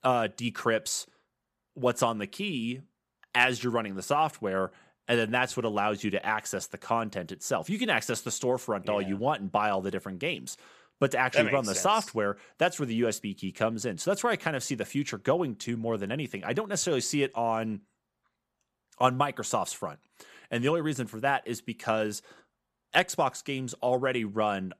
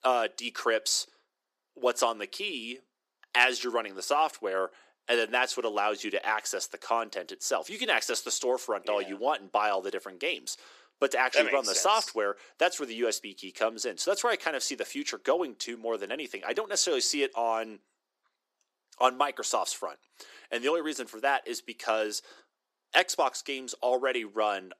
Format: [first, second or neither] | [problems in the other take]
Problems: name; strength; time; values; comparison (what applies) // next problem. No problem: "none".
first | thin; somewhat; fading below 300 Hz